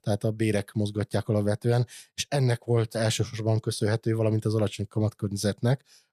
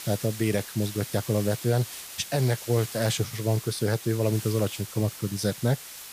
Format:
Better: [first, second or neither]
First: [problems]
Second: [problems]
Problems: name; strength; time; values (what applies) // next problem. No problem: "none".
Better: first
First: none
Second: hiss; noticeable; throughout; 10 dB below the speech